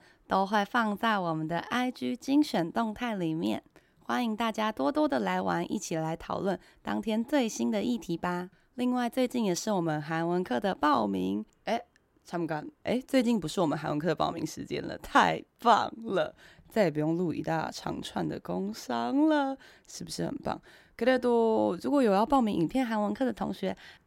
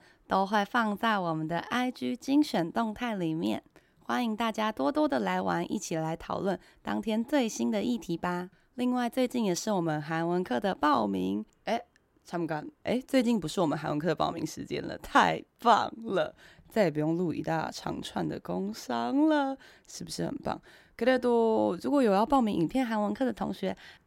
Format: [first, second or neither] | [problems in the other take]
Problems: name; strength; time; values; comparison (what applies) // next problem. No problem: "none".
neither | none